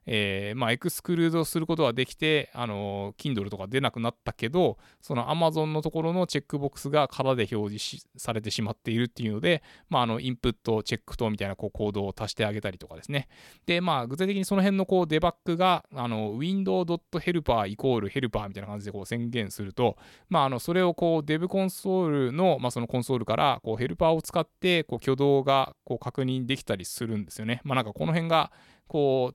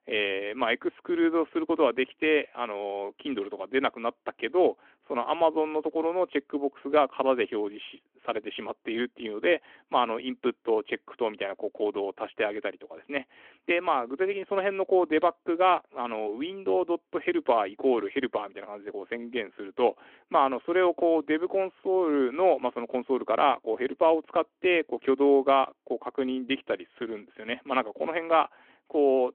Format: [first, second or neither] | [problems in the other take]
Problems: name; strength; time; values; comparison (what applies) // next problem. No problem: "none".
first | phone-call audio; nothing above 3.5 kHz